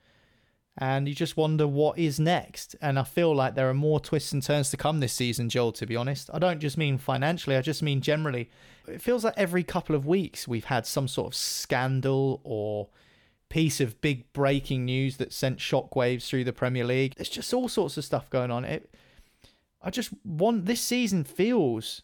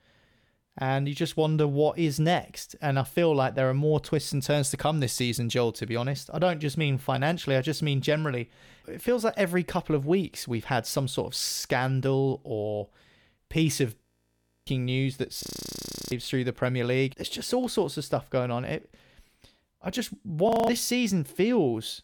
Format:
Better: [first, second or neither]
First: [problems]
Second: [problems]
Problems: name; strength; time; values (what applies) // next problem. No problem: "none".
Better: first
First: none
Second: audio freezing; at 14 s for 0.5 s, at 15 s for 0.5 s and at 20 s